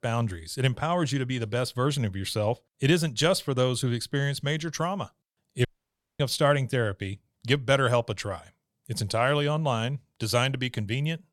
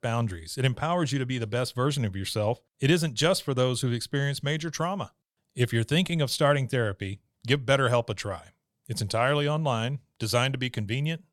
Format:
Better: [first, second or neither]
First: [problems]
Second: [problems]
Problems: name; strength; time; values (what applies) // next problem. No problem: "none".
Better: second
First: audio cutting out; at 5.5 s for 0.5 s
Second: none